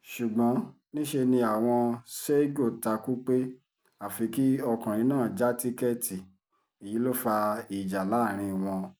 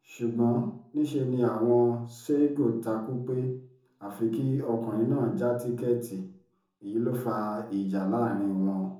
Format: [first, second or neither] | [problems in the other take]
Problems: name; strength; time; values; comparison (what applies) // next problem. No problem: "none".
first | room echo; dies away in 0.6 s